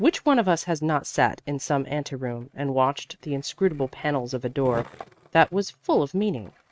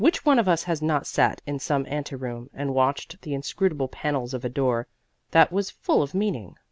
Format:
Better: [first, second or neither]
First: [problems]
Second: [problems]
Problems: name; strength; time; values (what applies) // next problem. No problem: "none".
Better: second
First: noise reduction (neural mask model RNNoise)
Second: none